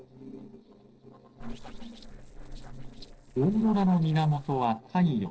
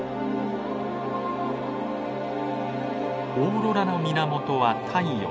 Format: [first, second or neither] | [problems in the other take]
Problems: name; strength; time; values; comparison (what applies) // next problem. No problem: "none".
second | noise reduction (neural separator model SepFormer DNS4)